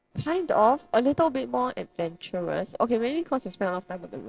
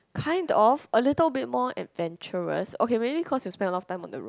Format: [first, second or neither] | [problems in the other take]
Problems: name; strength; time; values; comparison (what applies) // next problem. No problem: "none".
second | noise reduction (neural separator model SepFormer DNS4)